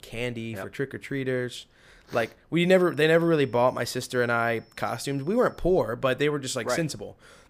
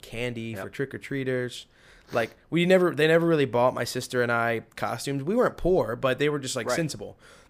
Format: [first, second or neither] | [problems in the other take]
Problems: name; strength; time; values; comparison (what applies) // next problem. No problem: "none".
second | high-pitched whine; faint; from 2.5 to 5.5 s; 5.5 kHz, 35 dB below the speech